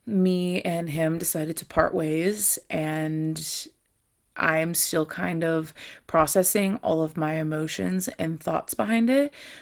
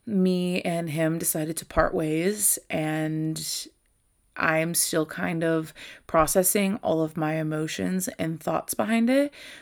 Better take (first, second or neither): second